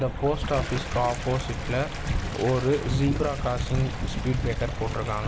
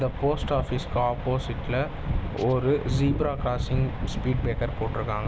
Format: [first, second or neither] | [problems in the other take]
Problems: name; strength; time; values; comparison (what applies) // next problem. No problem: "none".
second | background sound (Toilet flush); 14 dB below the speech